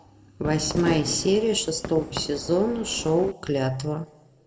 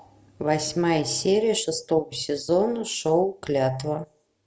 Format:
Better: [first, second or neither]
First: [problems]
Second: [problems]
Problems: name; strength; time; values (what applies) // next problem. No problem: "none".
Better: second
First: background sound (Fireworks); 9 dB below the speech // room echo; dies away in 0.7 s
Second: none